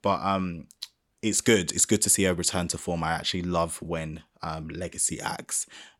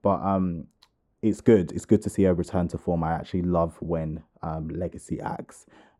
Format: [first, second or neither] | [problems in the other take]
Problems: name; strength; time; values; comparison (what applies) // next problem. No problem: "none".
first | muffled; very; fading above 1.5 kHz